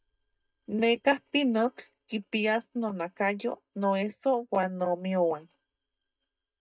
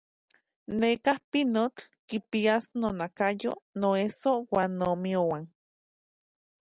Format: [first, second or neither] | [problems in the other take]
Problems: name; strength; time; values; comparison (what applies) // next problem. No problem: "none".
second | noise reduction (neural mask model DeepFilterNet 3)